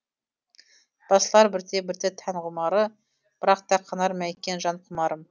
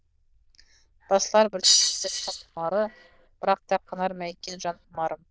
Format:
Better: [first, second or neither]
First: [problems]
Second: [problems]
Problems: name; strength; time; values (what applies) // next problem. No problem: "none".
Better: first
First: none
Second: noise reduction (neural diffusion model UNIVERSE++)